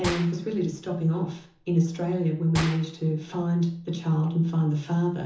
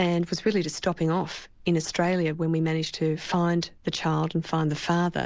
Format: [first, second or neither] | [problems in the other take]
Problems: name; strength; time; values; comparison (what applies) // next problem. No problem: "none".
second | background sound (Gunshot, gunfire); 14 dB below the speech // room echo; dies away in 0.7 s